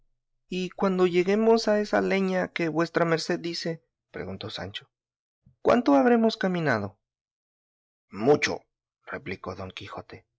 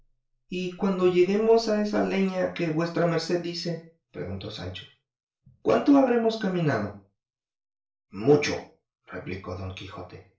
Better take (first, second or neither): first